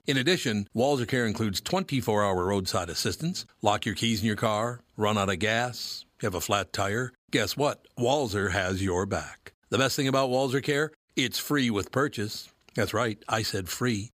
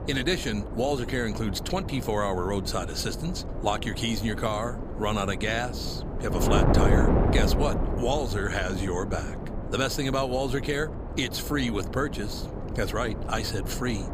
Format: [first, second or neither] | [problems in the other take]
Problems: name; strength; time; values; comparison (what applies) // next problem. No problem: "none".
first | wind noise on the microphone; heavy; 6 dB below the speech